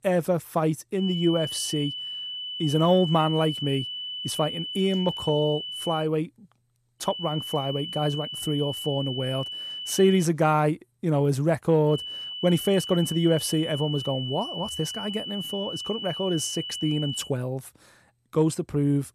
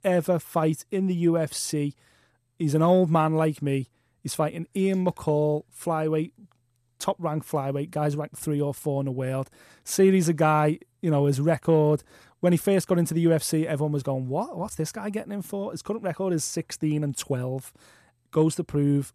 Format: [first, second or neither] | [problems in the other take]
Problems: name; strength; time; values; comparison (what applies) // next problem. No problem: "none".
second | high-pitched whine; loud; from 1 to 6 s, from 7 to 10 s and from 12 to 17 s; 3 kHz, 6 dB below the speech